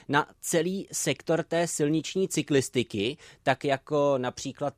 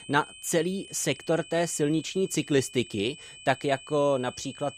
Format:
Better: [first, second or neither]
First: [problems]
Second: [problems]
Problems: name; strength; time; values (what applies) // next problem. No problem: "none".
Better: first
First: none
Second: high-pitched whine; noticeable; throughout; 3 kHz, 15 dB below the speech